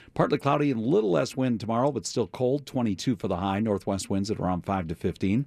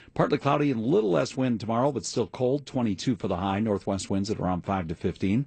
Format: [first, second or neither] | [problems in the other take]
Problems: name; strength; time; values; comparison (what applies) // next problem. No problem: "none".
first | garbled, watery; slightly; nothing above 8.5 kHz